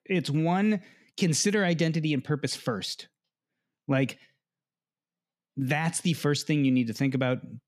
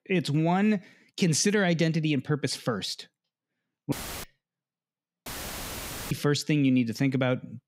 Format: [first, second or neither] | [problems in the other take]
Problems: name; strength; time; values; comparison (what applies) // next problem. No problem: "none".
first | audio cutting out; filled with static; at 4 s and at 5.5 s for 1 s